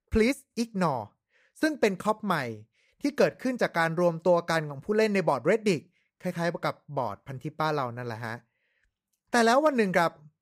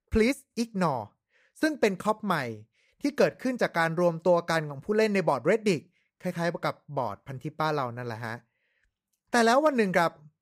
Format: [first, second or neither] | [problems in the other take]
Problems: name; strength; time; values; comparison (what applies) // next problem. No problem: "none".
neither | none